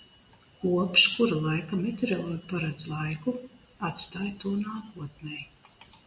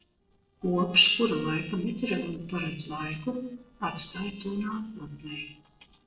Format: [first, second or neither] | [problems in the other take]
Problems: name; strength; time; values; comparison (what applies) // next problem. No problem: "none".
first | noise reduction (neural separator model SepFormer DNS4)